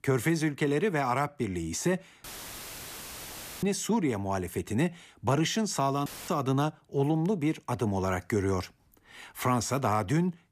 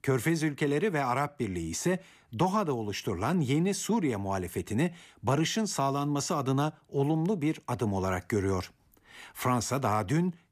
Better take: second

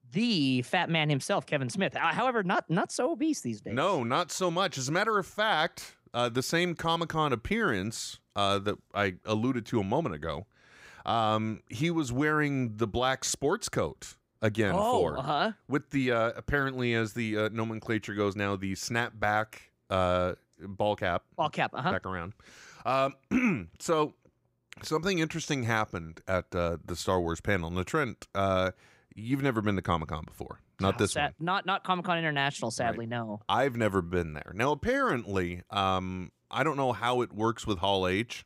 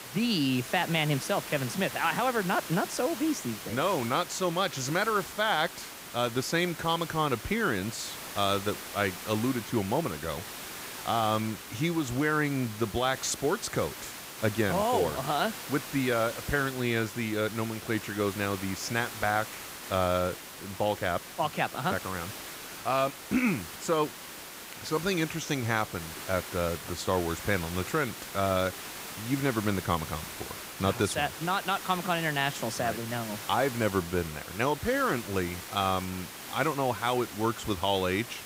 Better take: first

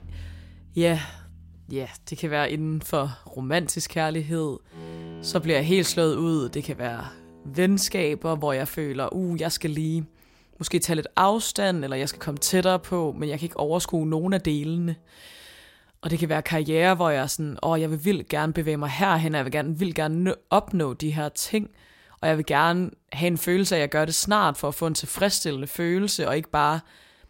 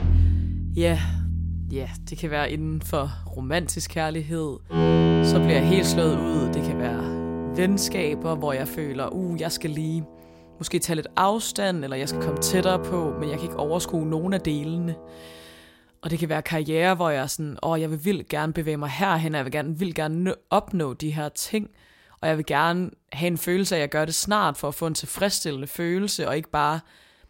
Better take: first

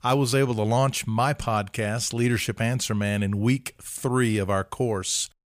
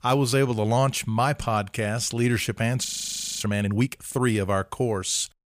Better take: first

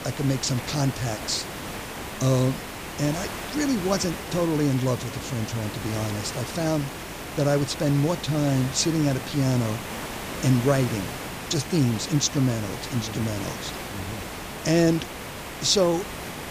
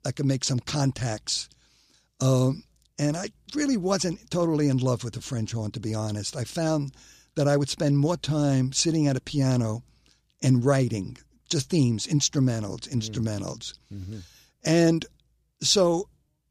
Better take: second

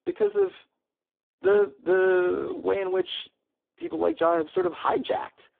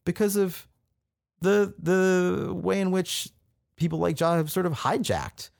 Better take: second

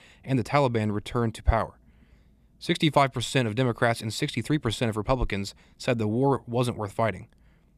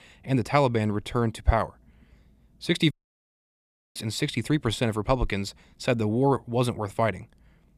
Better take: first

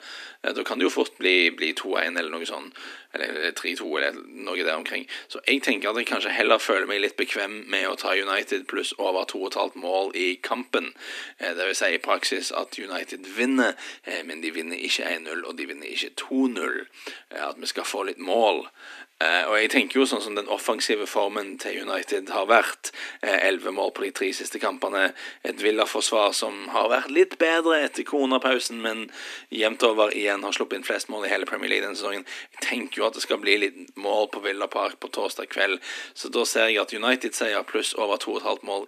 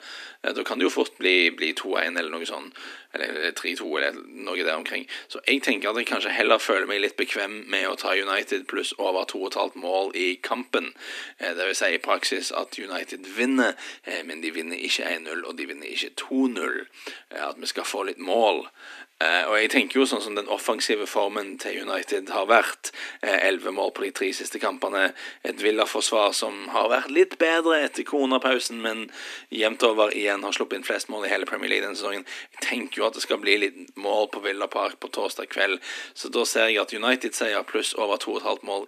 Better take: neither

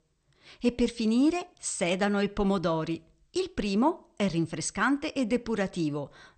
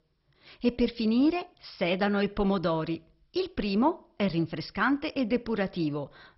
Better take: first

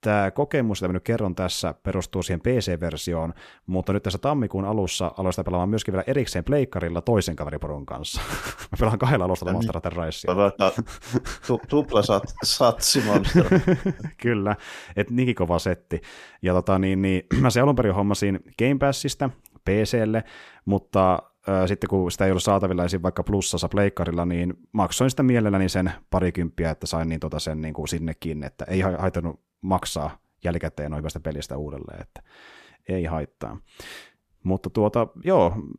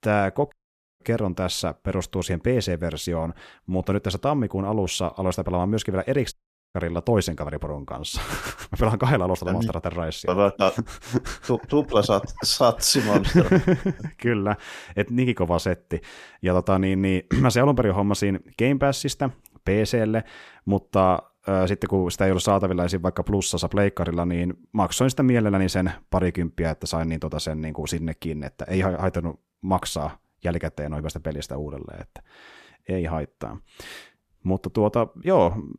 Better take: first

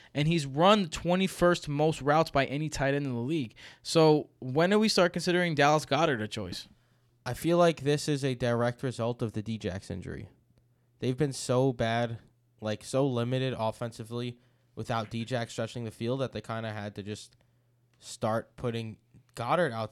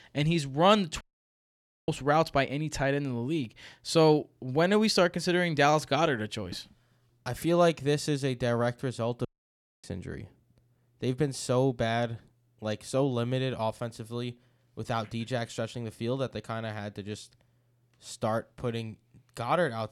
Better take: first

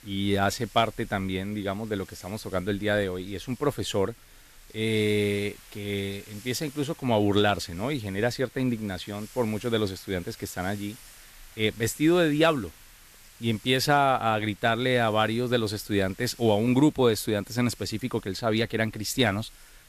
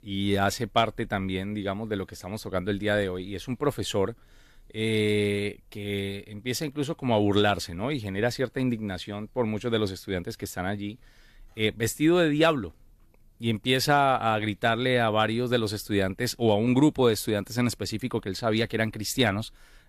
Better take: second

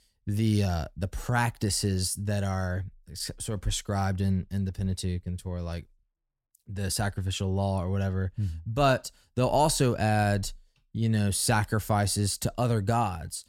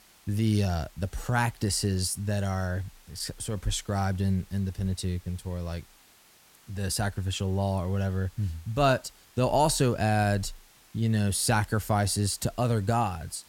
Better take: first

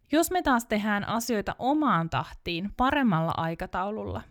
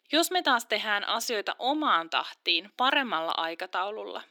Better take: first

